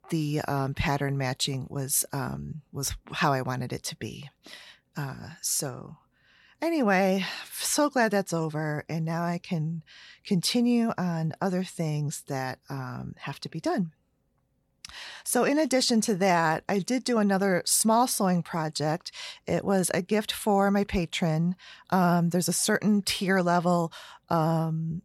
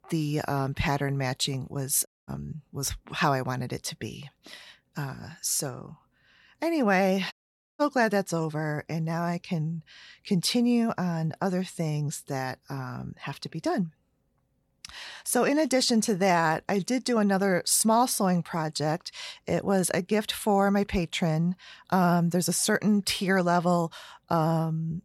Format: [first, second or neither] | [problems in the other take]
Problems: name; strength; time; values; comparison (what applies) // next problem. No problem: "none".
first | audio cutting out; at 2 s and at 7.5 s